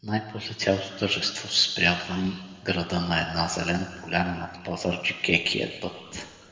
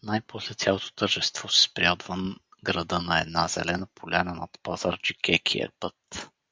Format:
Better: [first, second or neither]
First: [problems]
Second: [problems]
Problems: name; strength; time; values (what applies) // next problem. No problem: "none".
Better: second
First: room echo; dies away in 1.8 s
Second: none